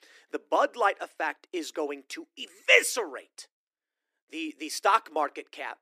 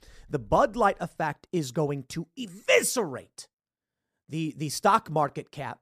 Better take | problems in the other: second | thin; somewhat; fading below 300 Hz

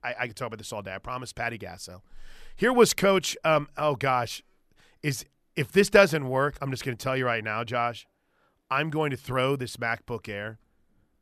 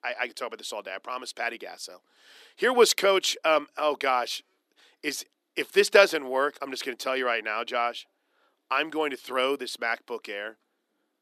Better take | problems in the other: first | thin; somewhat; fading below 300 Hz

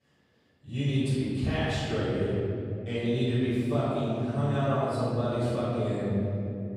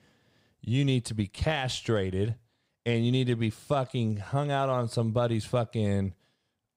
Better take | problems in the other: second | off-mic speech; far // room echo; strong; dies away in 3 s

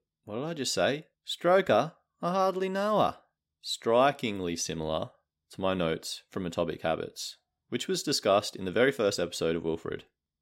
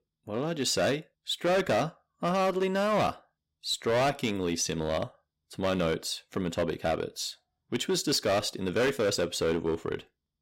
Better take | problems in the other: first | distortion; heavy; 10% of the sound clipped

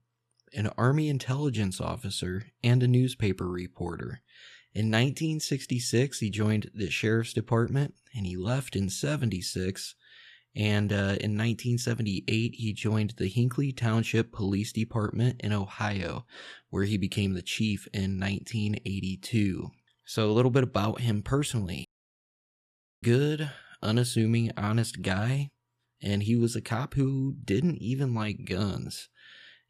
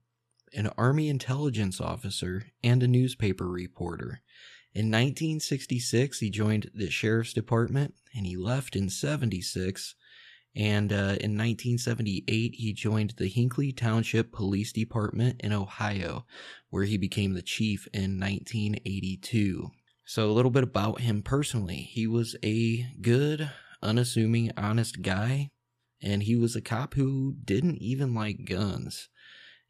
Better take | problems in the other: second | audio cutting out; at 22 s for 1 s

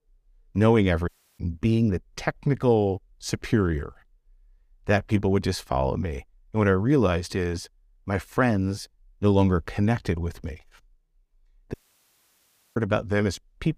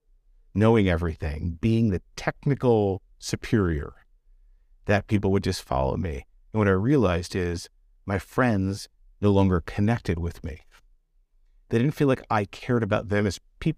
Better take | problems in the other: second | audio cutting out; at 1 s and at 12 s for 1 s

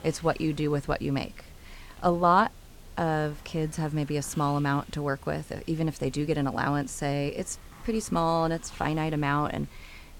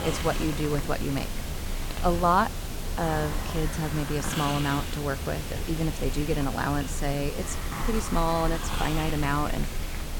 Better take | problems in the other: first | hiss; loud; throughout; 4 dB below the speech; faint in the first

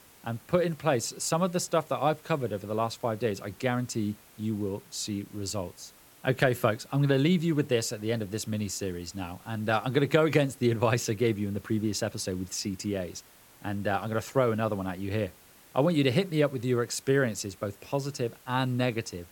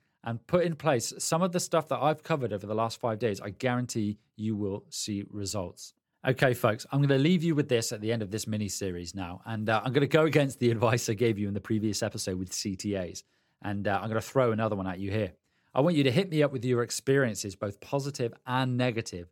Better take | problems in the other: second | hiss; faint; throughout; 25 dB below the speech

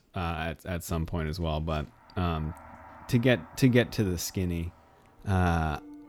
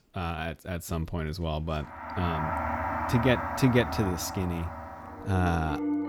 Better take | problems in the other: first | background music; loud; from 2 s on; 4 dB below the speech; faint in the first

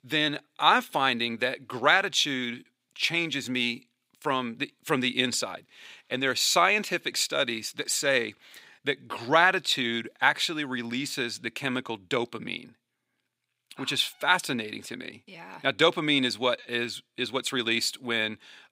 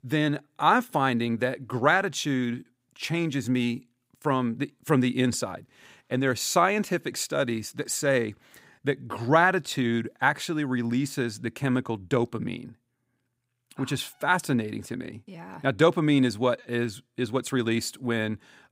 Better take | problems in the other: second | thin; very slightly; fading below 450 Hz

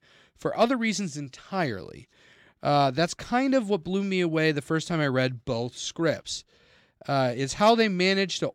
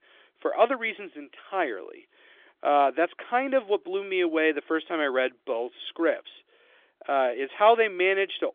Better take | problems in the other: first | phone-call audio; nothing above 3.5 kHz

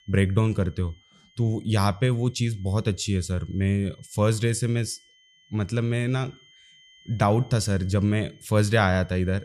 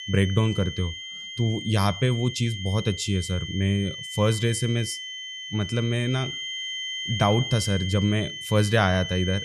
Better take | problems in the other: first | high-pitched whine; loud; throughout; 3 kHz, 7 dB below the speech; faint in the first

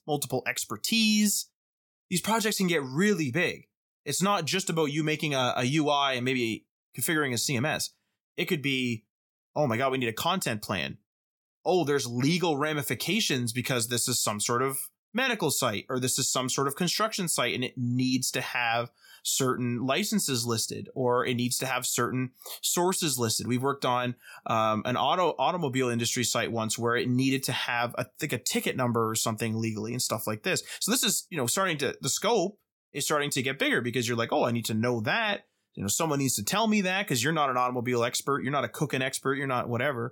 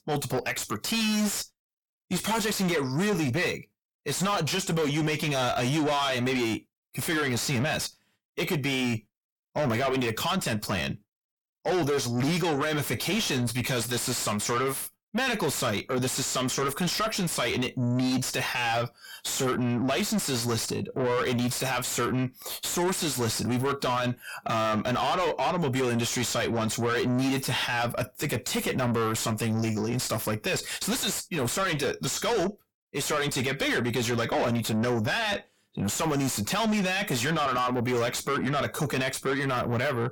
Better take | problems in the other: first | distortion; heavy; 6 dB below the speech

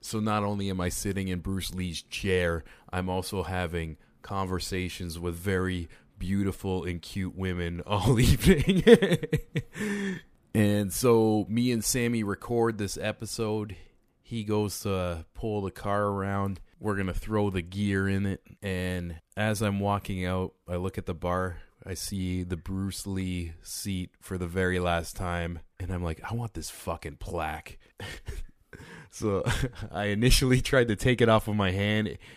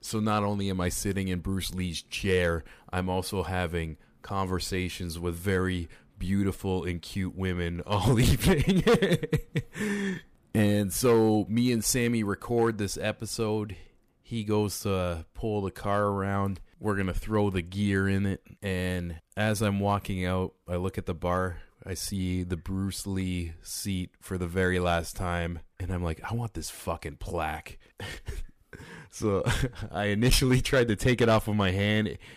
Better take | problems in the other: first | distortion; slight; 1.4% of the sound clipped

